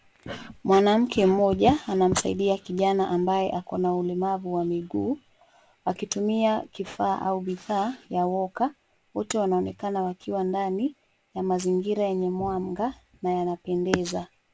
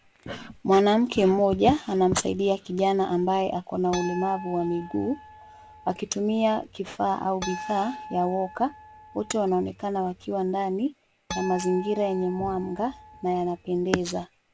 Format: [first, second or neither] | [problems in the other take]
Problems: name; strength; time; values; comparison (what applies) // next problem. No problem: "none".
first | background sound (Harp); 14 dB below the speech